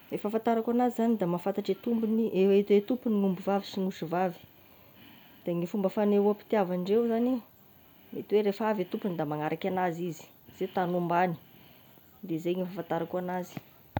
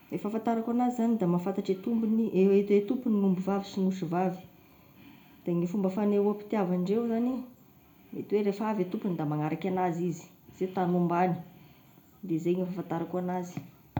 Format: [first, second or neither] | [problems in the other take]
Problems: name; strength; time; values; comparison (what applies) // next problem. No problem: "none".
first | room echo; dies away in 0.3 s